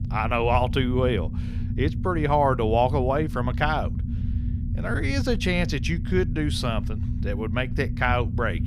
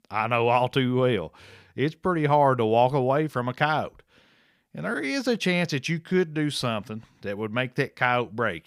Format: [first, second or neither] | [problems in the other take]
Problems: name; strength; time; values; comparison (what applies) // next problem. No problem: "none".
second | low rumble; noticeable; throughout; 15 dB below the speech